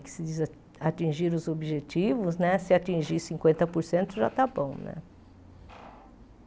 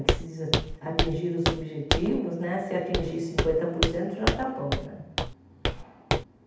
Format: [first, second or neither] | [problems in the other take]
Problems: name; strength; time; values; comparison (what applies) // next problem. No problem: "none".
first | background sound (Walk, footsteps); 1 dB above the speech // room echo; dies away in 0.8 s